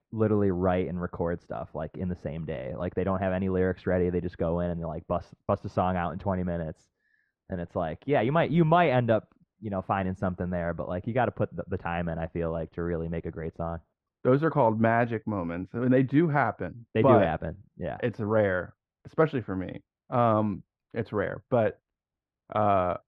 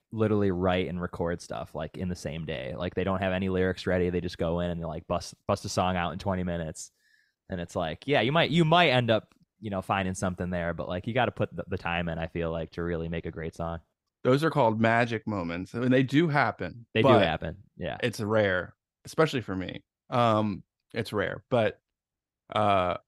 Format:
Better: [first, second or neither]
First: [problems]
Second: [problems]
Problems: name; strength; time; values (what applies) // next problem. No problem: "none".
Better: second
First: muffled; very; fading above 4 kHz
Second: none